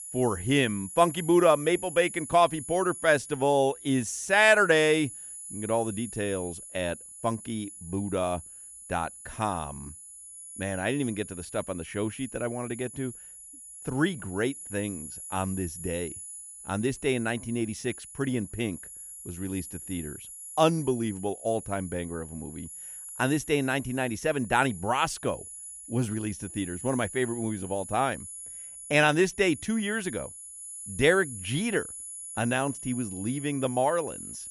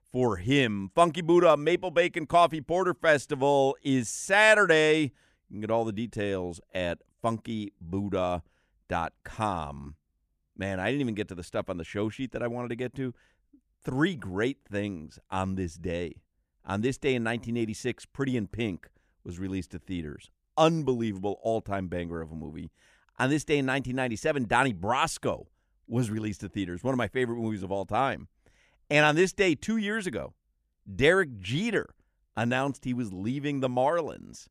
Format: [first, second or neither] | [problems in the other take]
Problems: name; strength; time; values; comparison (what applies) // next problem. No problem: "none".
second | high-pitched whine; noticeable; throughout; 10 kHz, 10 dB below the speech